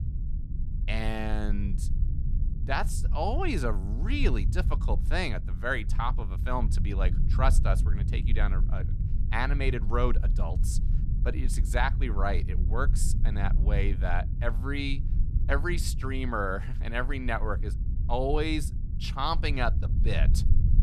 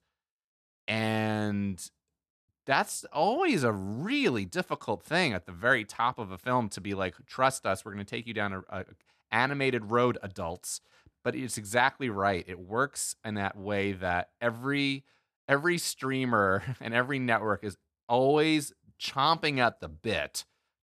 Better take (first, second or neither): second